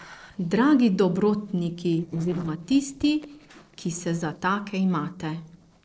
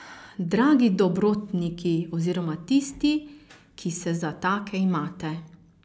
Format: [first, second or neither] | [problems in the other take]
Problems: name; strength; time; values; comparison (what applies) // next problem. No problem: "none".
second | noise reduction (neural separator model SepFormer DNS4)